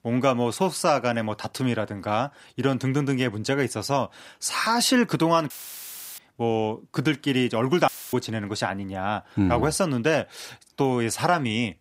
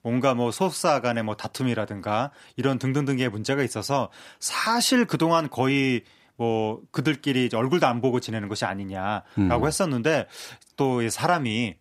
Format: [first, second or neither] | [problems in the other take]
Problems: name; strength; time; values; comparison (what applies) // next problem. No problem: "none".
second | audio cutting out; filled with static; at 5.5 s for 0.5 s and at 8 s